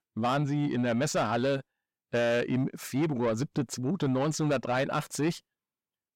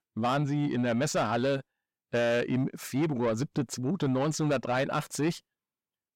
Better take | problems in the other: neither | distortion; slight; 10 dB below the speech; the same in both

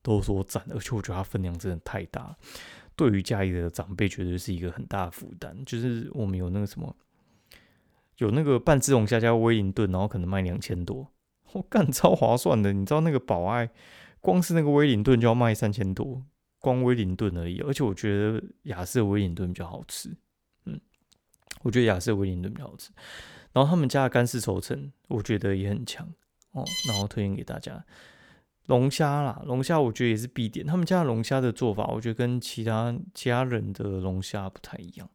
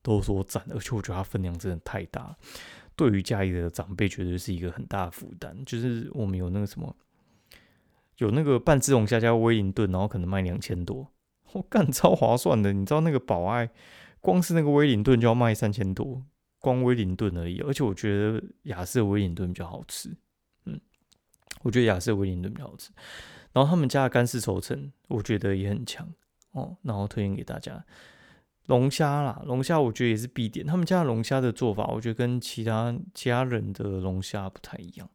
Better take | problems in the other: second | alarm; noticeable; at 27 s; peak 2 dB below the speech

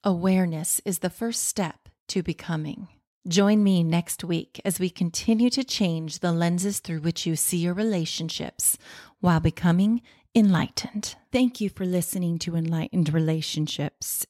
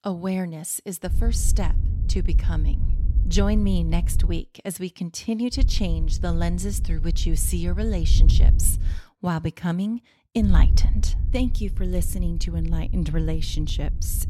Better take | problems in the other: first | wind noise on the microphone; occasional gusts; from 1 to 4.5 s, from 5.5 to 9 s and from 10 s on; 10 dB below the speech

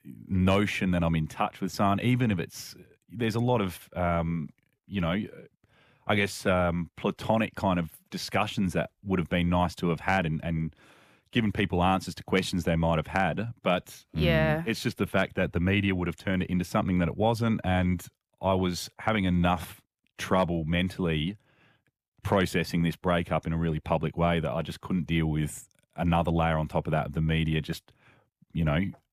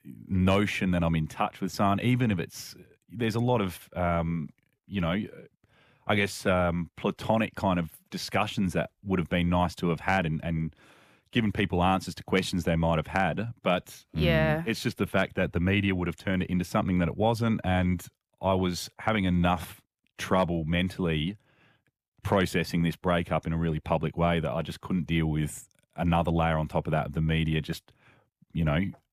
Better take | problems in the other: neither | none

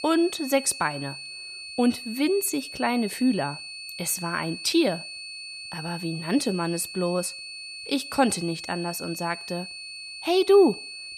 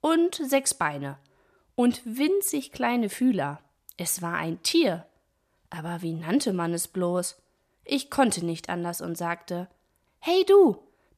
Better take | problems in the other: second | high-pitched whine; noticeable; throughout; 4.5 kHz, 10 dB below the speech

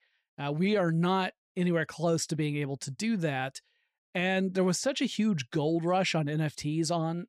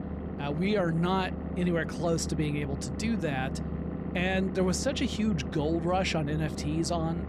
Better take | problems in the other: first | low rumble; loud; throughout; 9 dB below the speech

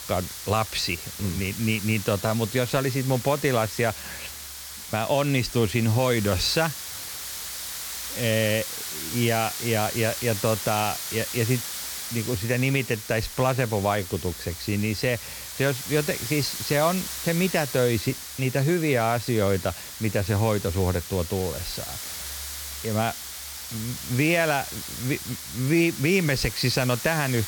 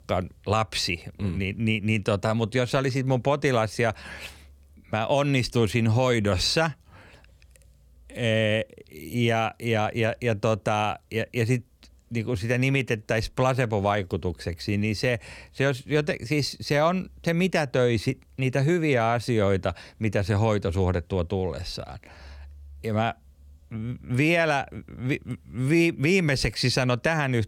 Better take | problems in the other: second | hiss; loud; throughout; 7 dB below the speech

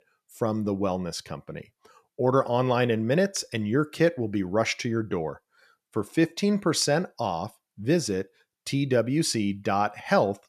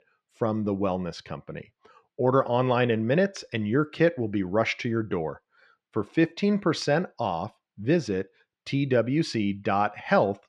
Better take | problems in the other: first | muffled; slightly; fading above 3 kHz

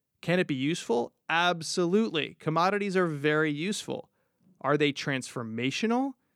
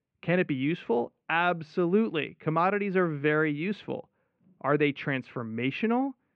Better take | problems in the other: first | muffled; very; fading above 2.5 kHz

